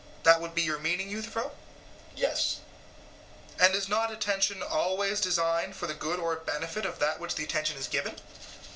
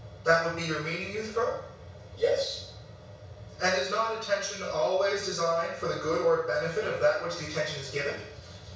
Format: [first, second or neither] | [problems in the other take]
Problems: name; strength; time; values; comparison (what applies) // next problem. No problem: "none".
first | room echo; dies away in 0.6 s